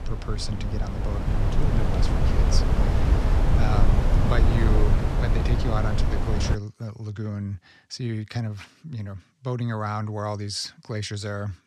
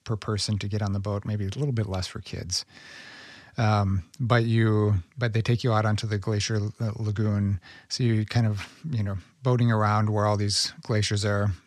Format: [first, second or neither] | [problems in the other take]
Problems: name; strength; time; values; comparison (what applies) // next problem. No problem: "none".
second | wind noise on the microphone; heavy; until 6.5 s; 1 dB above the speech